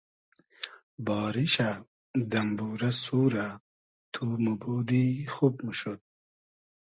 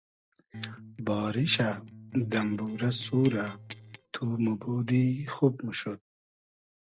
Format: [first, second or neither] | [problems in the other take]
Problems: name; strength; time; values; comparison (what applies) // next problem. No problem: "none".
first | noise reduction (neural separator model SepFormer DNS4)